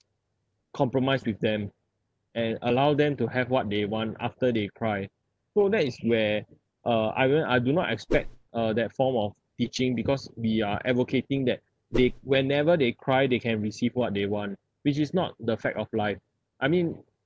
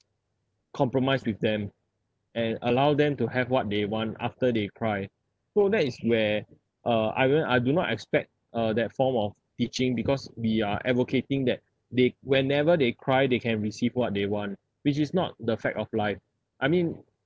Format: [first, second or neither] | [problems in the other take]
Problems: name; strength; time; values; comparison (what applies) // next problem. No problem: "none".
second | background sound (Whoosh, swoosh, swish); 4 dB below the speech